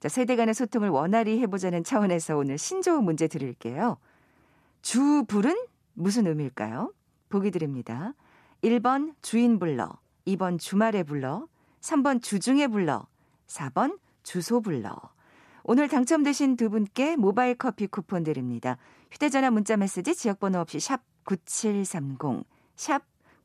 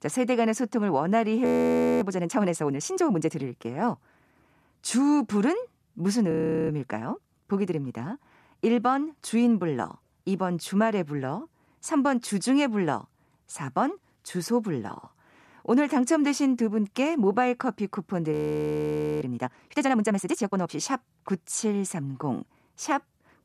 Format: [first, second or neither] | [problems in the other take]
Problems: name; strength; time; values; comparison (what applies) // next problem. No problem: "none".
first | audio freezing; at 1.5 s for 0.5 s, at 6.5 s and at 18 s for 1 s